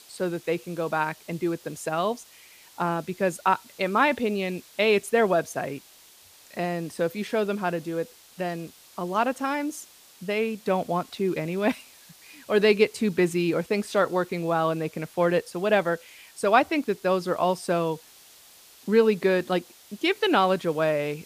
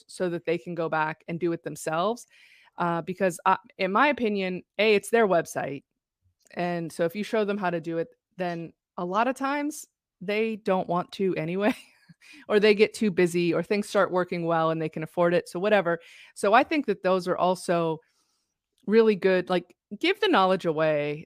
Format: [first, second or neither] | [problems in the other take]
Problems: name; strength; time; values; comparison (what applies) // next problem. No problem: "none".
second | hiss; faint; throughout; 25 dB below the speech